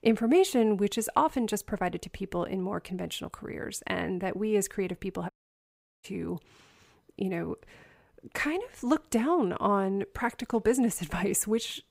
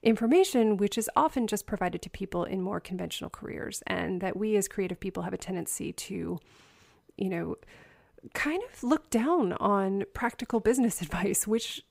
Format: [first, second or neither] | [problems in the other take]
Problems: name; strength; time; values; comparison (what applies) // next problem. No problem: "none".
second | audio cutting out; at 5.5 s for 0.5 s